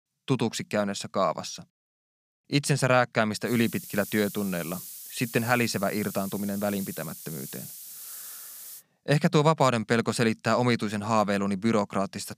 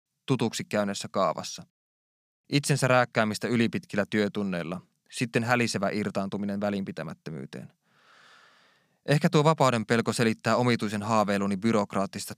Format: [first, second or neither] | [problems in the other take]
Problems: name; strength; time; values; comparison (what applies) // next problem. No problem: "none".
second | hiss; noticeable; from 3.5 to 9 s; 15 dB below the speech